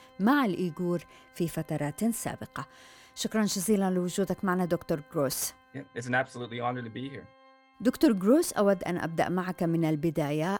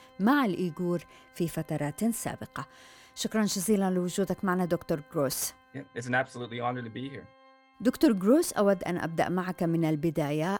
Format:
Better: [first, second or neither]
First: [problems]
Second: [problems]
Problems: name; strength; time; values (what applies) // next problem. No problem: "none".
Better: neither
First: background music; faint; throughout; 30 dB below the speech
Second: background music; faint; throughout; 30 dB below the speech